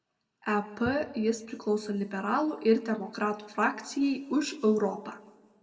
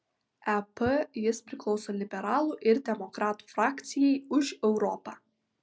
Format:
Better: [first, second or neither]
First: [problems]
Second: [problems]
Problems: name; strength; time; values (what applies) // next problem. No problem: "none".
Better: second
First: room echo; dies away in 0.9 s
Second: none